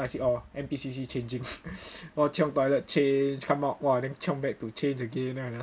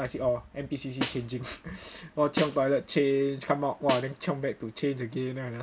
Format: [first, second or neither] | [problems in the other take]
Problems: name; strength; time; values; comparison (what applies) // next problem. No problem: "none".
first | background sound (Snare drum); 10 dB below the speech